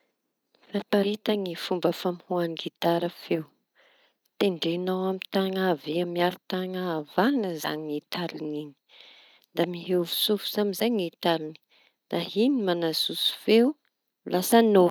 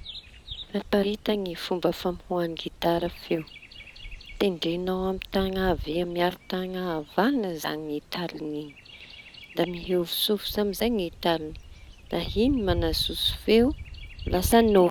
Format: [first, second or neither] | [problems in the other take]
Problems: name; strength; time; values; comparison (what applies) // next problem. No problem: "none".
first | background sound (Bird vocalization, bird call, bird song); 12 dB below the speech